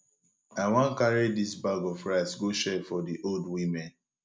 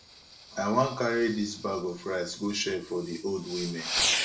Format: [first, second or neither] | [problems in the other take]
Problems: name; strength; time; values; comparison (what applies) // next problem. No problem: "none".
first | background sound (Fireworks); 4 dB below the speech // room echo; dies away in 0.2 s